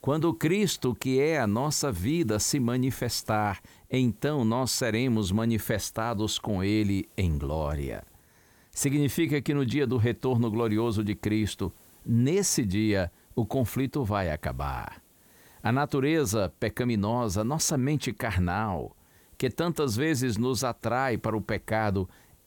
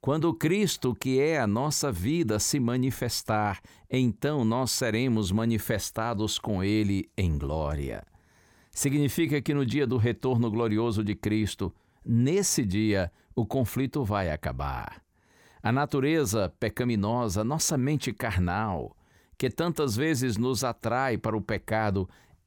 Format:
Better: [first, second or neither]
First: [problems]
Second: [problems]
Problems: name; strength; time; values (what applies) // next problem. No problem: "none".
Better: second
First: hiss; faint; throughout; 30 dB below the speech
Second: none